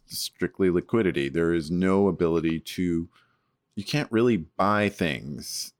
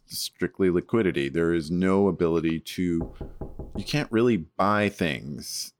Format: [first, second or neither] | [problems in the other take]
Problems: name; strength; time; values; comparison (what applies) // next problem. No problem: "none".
first | door banging; faint; from 3 to 4 s; peak 15 dB below the speech